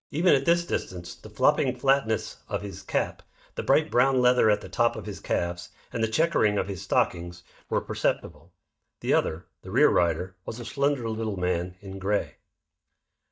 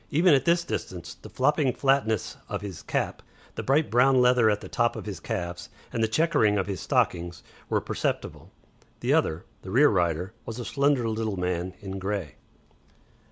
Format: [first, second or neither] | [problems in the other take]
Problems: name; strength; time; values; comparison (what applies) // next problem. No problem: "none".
second | noise reduction (neural mask model DeepFilterNet 3)